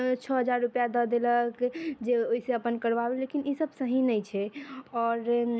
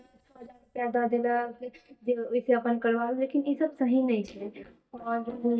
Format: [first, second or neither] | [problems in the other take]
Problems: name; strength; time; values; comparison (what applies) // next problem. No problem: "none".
first | noise reduction (neural mask model DeepFilterNet 3)